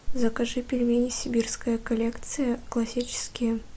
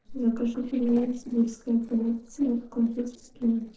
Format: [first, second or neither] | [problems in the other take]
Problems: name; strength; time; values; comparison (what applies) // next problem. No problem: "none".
first | noise reduction (neural separator model SepFormer DNS4)